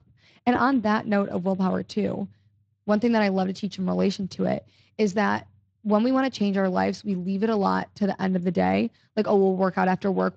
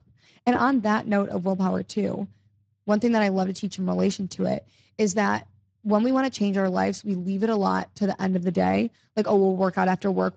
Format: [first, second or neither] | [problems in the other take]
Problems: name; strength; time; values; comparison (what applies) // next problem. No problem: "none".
first | garbled, watery; badly; nothing above 7.5 kHz; slightly in the first